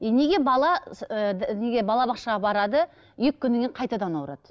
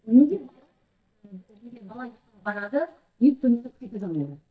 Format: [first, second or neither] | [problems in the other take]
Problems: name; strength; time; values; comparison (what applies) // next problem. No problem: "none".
first | noise reduction (neural mask model DeepFilterNet 3)